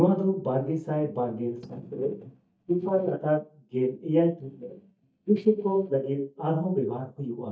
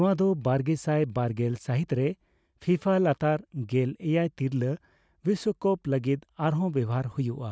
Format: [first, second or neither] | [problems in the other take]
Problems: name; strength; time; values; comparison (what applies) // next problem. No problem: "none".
second | noise reduction (neural mask model DeepFilterNet 3)